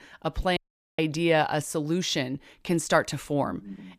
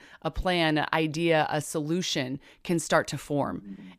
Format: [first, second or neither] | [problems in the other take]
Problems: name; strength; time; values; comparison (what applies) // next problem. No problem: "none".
second | audio cutting out; at 0.5 s